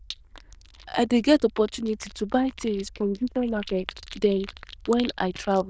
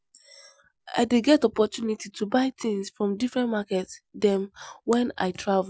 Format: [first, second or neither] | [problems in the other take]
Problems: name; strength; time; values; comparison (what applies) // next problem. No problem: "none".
second | noise reduction (neural diffusion model UNIVERSE++)